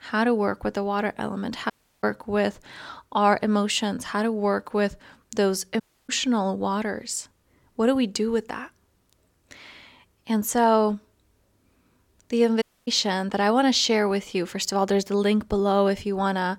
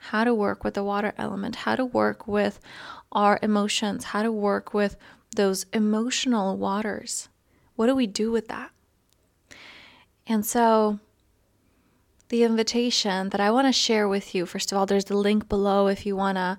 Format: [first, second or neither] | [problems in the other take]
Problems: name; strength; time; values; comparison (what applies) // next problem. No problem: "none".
second | audio cutting out; at 1.5 s, at 6 s and at 13 s